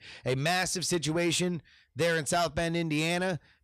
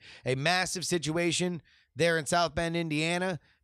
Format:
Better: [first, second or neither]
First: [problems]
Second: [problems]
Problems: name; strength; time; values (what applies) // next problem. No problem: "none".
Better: second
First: distortion; slight; 10 dB below the speech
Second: none